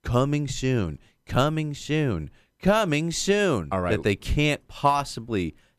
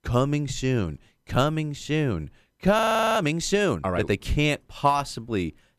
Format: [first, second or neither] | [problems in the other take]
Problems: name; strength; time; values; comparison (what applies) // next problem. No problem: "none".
first | audio freezing; at 3 s